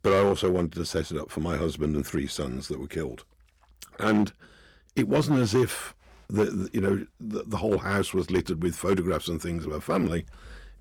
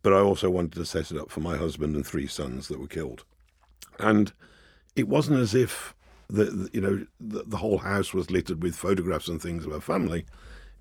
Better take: second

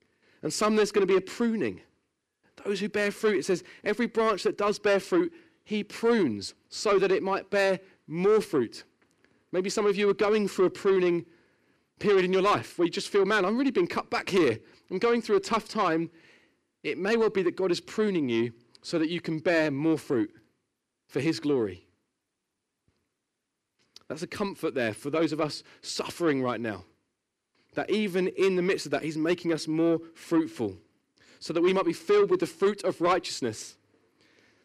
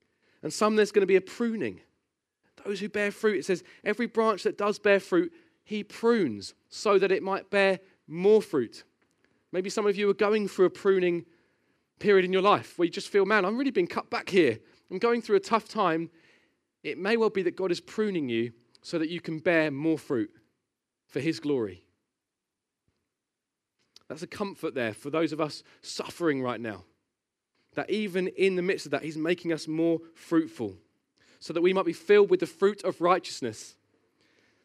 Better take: second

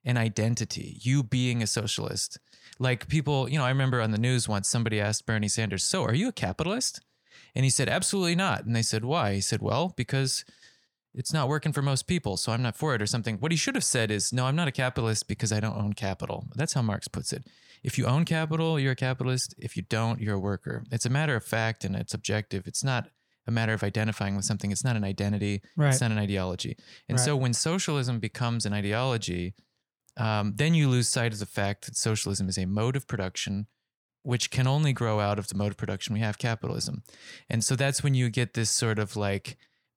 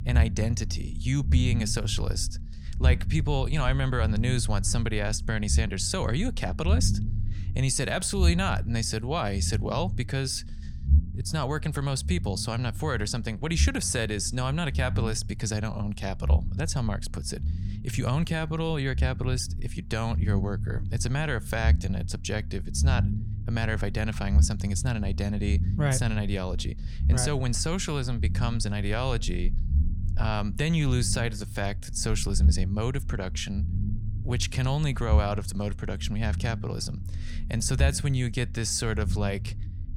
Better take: first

